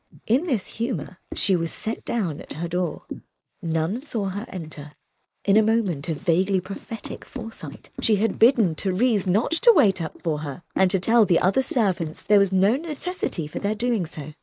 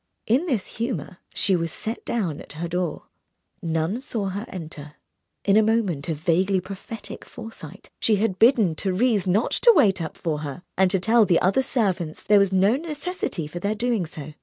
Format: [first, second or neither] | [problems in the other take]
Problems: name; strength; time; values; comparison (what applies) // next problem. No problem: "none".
second | noise reduction (neural mask model Resemble Enhance denoiser)